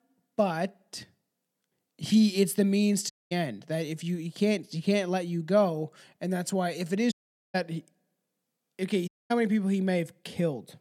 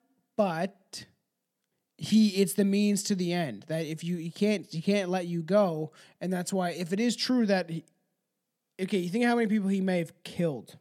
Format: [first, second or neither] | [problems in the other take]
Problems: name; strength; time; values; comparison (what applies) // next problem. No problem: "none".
second | audio cutting out; at 3 s, at 7 s and at 9 s